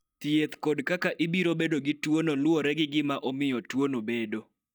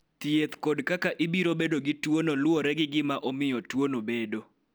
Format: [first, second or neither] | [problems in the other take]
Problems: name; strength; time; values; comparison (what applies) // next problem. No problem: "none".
second | noise reduction (neural mask model DeepFilterNet 3)